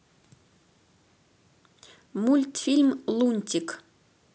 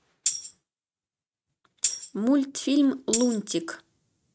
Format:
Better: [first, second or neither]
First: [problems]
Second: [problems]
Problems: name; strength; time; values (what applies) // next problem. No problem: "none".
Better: first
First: none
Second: noise reduction (neural mask model RNNoise)